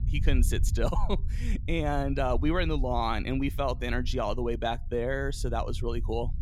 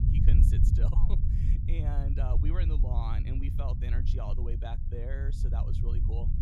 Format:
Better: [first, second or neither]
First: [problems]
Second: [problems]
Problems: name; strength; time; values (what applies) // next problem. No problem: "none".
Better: first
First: low rumble; faint; throughout; 20 dB below the speech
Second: low rumble; loud; throughout; 1 dB below the speech